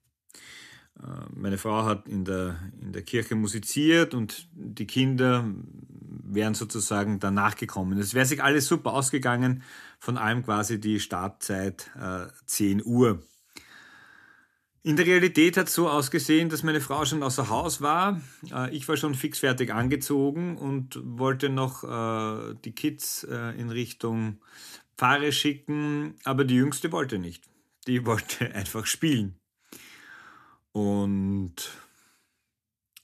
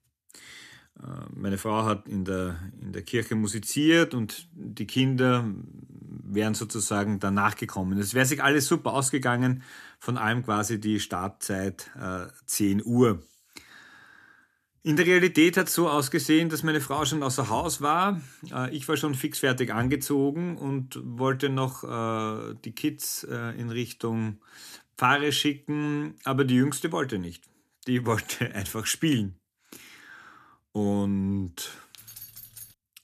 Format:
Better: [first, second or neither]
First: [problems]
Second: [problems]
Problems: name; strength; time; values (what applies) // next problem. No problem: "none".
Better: first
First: none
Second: jangling keys; faint; at 32 s; peak 15 dB below the speech